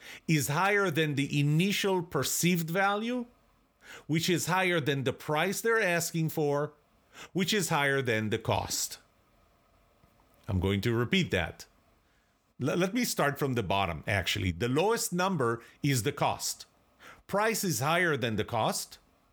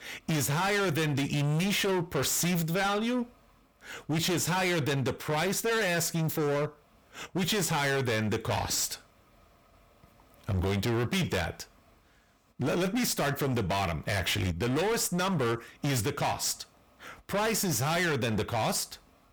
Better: first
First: none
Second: distortion; heavy; 27% of the sound clipped

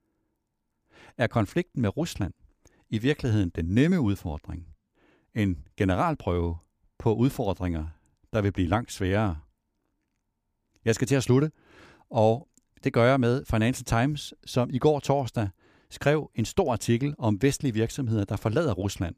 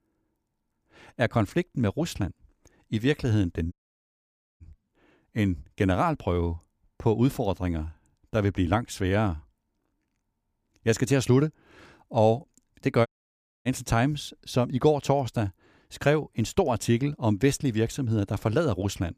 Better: first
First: none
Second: audio cutting out; at 3.5 s for 1 s and at 13 s for 0.5 s

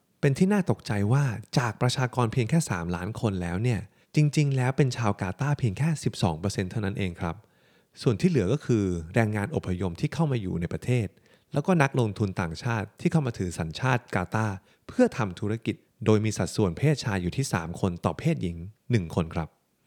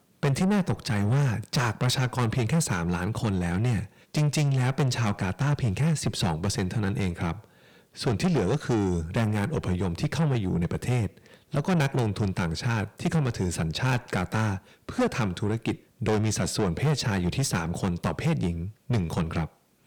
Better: first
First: none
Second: distortion; heavy; 6 dB below the speech

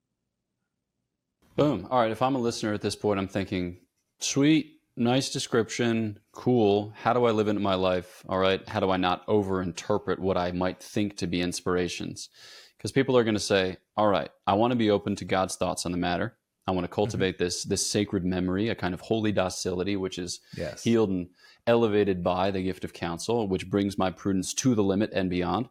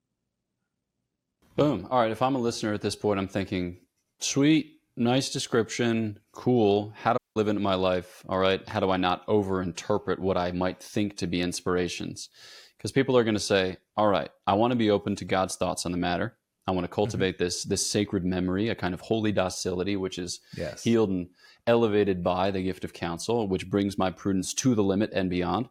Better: first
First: none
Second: audio cutting out; at 7 s

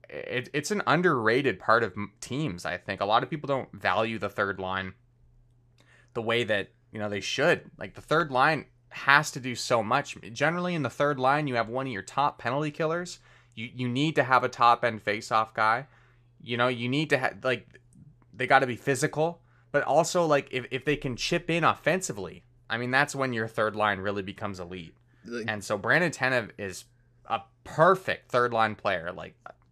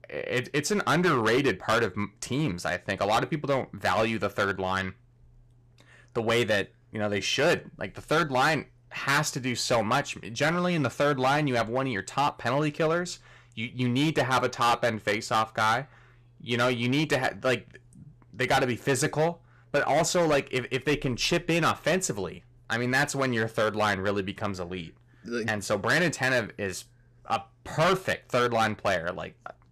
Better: first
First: none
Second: distortion; heavy; 8% of the sound clipped

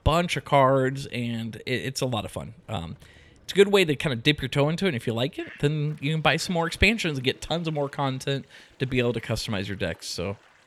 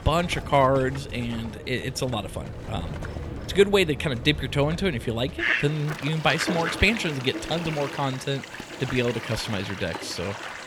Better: first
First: animal sounds; faint; throughout; 30 dB below the speech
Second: animal sounds; loud; throughout; 8 dB below the speech

